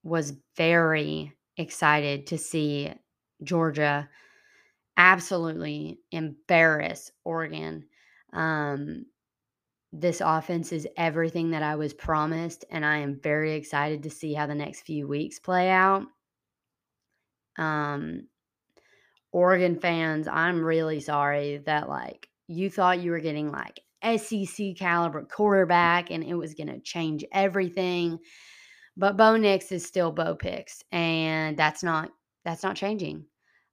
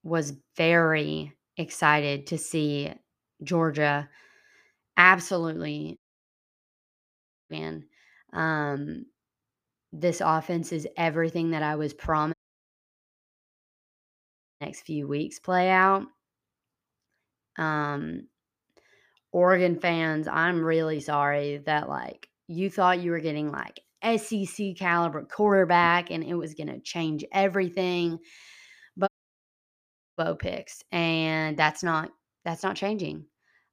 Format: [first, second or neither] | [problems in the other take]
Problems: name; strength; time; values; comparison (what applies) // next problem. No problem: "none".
first | audio cutting out; at 6 s for 1.5 s, at 12 s for 2.5 s and at 29 s for 1 s